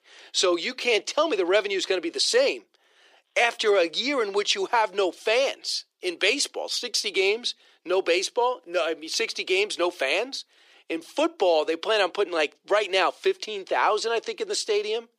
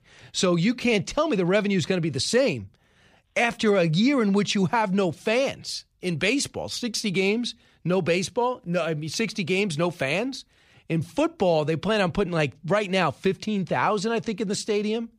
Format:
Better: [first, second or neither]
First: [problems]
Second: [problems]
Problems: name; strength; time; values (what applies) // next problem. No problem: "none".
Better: second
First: thin; very; fading below 350 Hz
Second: none